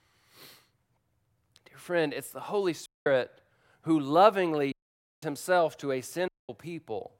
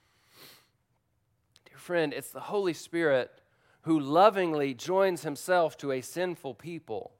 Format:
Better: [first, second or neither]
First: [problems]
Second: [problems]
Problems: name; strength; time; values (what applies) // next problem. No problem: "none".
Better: second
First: audio cutting out; at 3 s, at 4.5 s for 0.5 s and at 6.5 s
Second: none